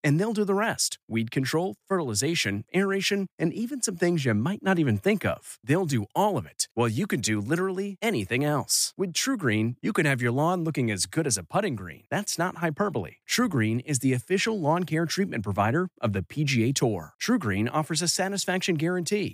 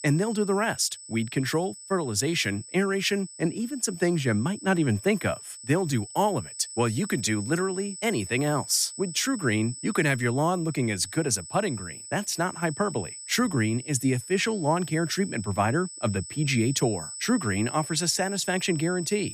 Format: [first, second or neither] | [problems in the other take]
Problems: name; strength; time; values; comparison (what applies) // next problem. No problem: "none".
first | high-pitched whine; noticeable; throughout; 8 kHz, 10 dB below the speech